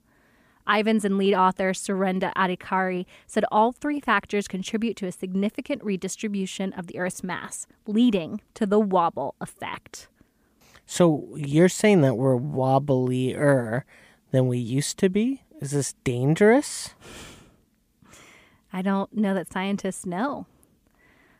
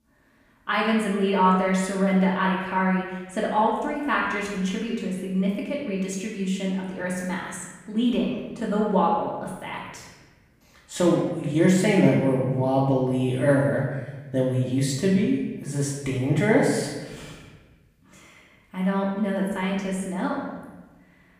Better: first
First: none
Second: off-mic speech; far // room echo; noticeable; dies away in 1.1 s

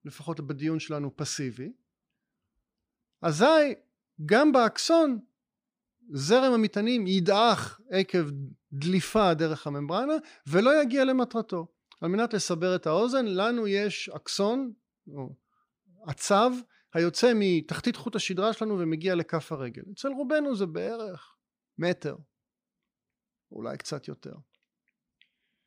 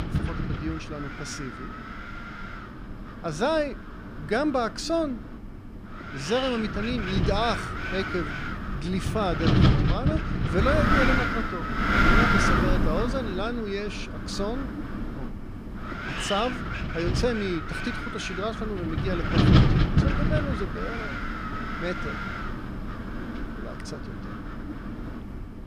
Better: first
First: none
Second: wind noise on the microphone; heavy; 1 dB above the speech

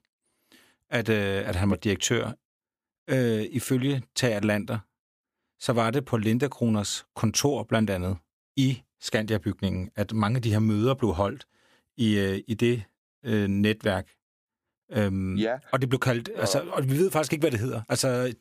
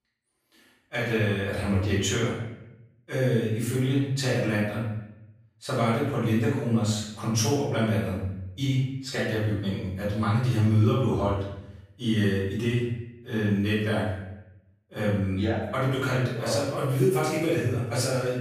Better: first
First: none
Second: off-mic speech; far // room echo; noticeable; dies away in 0.8 s

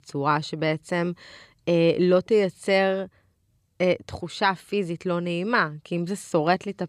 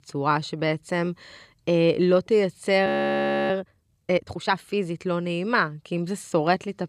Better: first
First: none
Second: audio freezing; at 3 s for 0.5 s

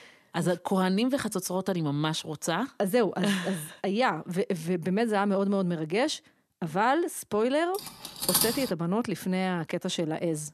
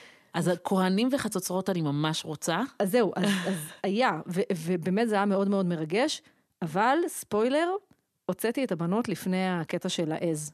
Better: second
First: clattering dishes; loud; at 7.5 s; peak 4 dB above the speech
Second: none

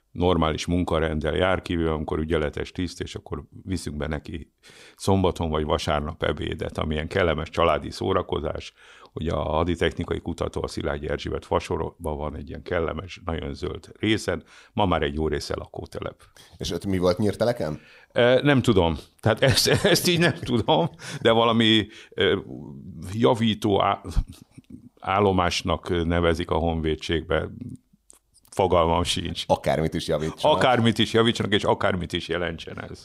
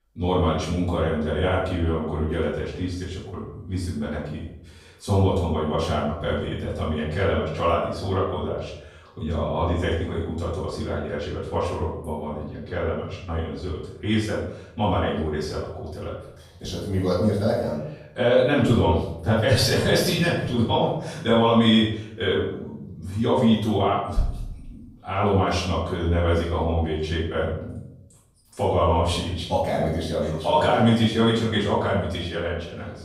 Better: first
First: none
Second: off-mic speech; far // room echo; noticeable; dies away in 0.6 s

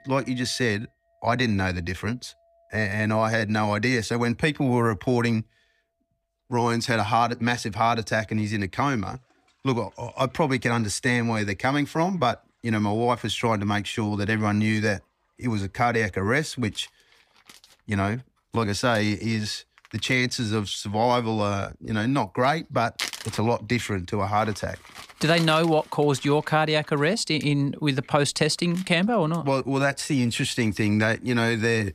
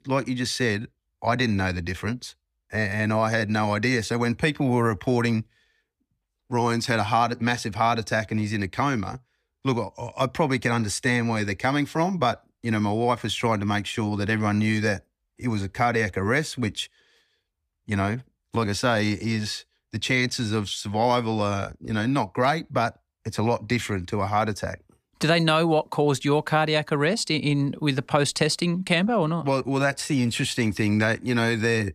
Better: second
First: household noises; noticeable; throughout; 15 dB below the speech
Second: none

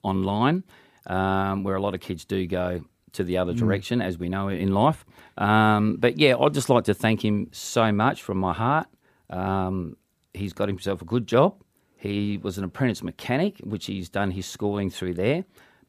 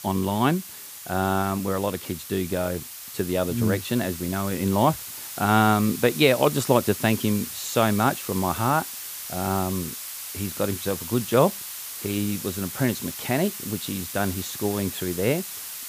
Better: first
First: none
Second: hiss; loud; throughout; 8 dB below the speech

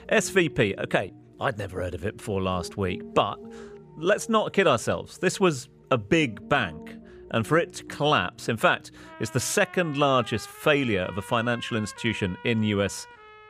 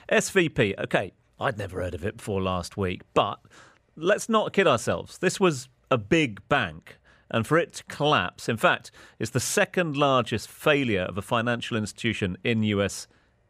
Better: second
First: background music; noticeable; throughout; 20 dB below the speech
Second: none

